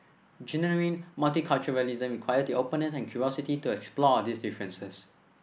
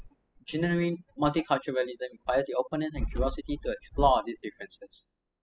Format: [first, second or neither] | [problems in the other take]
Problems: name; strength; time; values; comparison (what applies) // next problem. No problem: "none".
first | noise reduction (classical method spectral subtraction)